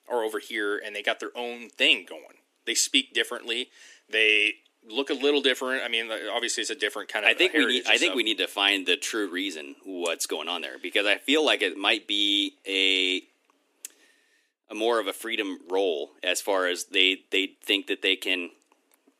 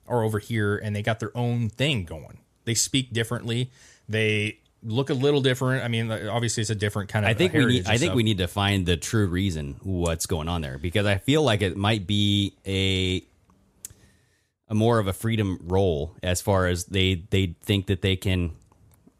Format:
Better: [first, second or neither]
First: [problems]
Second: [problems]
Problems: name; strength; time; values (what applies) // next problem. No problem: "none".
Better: second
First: thin; somewhat; fading below 300 Hz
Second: none